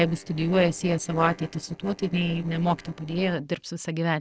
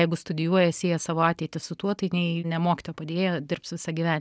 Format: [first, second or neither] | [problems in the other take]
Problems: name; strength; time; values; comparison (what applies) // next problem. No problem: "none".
second | noise reduction (neural separator model SepFormer DNS4)